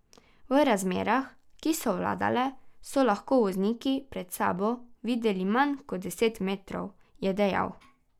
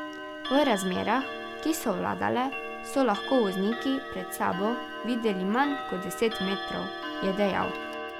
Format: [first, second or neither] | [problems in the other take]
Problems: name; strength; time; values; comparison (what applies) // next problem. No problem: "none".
first | background sound (Clock); 7 dB below the speech